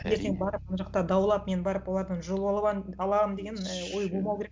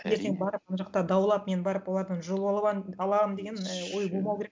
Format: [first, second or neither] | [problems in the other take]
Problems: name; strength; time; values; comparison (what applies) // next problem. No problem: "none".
second | background sound (Bass guitar); 17 dB below the speech